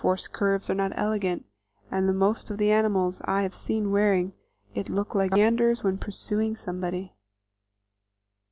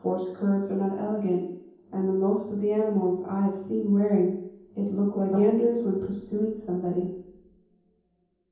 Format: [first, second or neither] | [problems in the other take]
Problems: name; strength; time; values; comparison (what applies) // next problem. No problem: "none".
first | room echo; dies away in 0.9 s